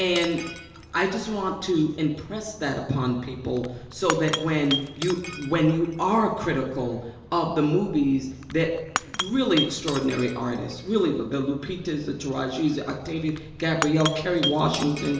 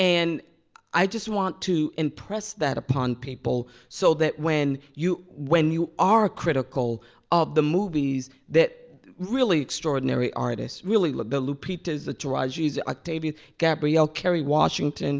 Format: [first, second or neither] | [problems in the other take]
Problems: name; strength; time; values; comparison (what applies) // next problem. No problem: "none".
second | background sound (Shatter / Crushing); 11 dB below the speech // room echo; dies away in 1 s